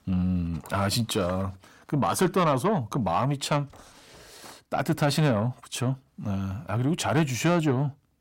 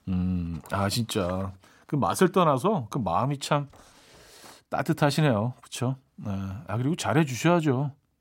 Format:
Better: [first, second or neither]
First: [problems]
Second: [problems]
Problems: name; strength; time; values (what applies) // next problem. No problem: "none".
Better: second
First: distortion; slight; 10 dB below the speech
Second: none